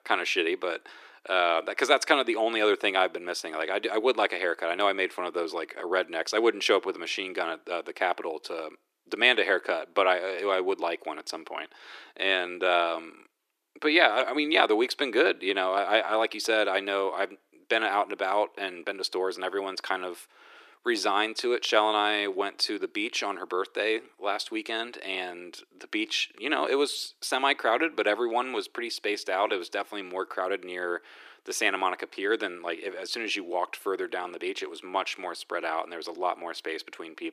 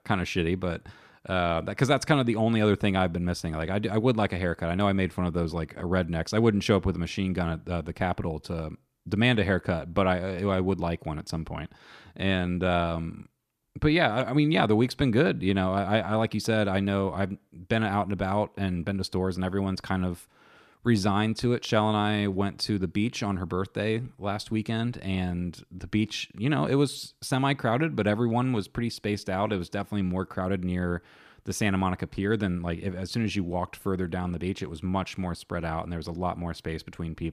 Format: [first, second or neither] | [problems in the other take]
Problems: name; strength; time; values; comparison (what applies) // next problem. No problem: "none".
second | thin; very; fading below 350 Hz